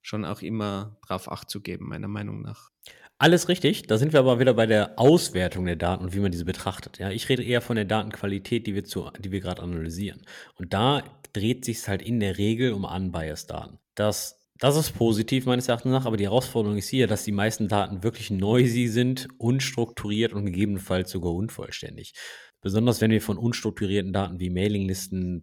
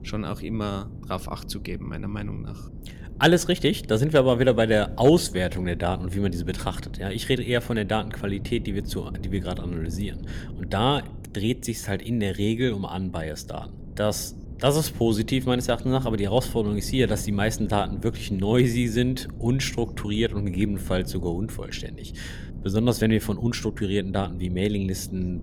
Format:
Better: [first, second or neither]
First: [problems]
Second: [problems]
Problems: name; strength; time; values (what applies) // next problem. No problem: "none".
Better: first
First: none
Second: wind noise on the microphone; occasional gusts; 20 dB below the speech